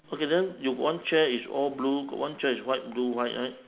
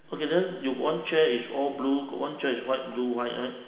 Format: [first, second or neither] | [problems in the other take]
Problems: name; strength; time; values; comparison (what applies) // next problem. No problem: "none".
first | room echo; dies away in 2 s